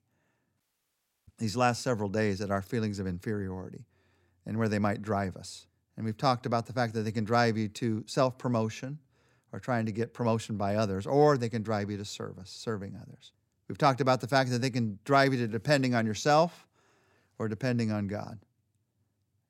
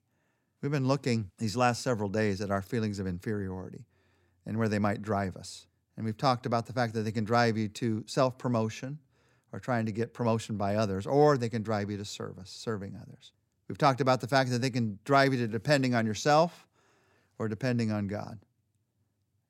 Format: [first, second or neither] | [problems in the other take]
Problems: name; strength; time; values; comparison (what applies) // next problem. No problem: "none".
second | audio cutting out; at 0.5 s for 0.5 s